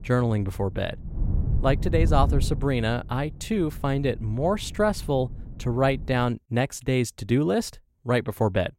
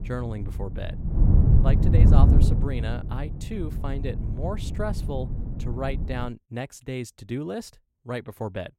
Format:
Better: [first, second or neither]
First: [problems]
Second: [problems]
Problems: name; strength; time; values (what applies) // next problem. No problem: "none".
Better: first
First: wind noise on the microphone; occasional gusts; until 6.5 s; 15 dB below the speech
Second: wind noise on the microphone; heavy; until 6.5 s; 2 dB below the speech